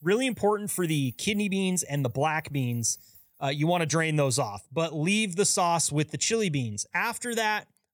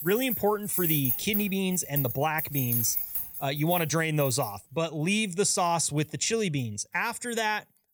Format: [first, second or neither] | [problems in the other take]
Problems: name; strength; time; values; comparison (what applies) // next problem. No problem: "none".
first | household noises; loud; throughout; 2 dB below the speech; faint in the first